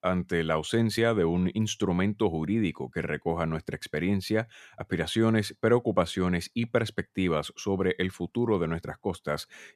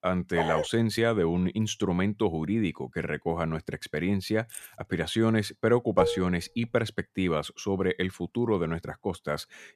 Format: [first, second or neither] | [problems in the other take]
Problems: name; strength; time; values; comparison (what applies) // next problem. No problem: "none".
first | dog barking; noticeable; at 0.5 s; peak 2 dB below the speech // jangling keys; faint; at 4.5 s; peak 15 dB below the speech // clattering dishes; noticeable; at 6 s; peak 1 dB below the speech